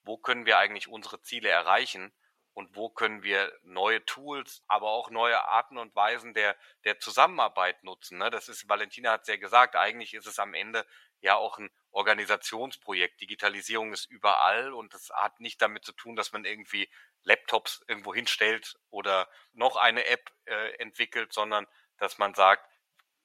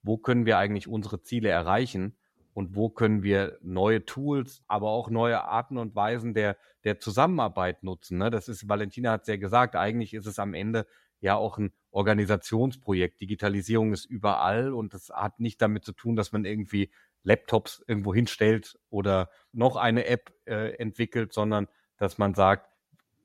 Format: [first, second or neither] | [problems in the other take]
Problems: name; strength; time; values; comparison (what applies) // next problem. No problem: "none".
second | thin; very; fading below 900 Hz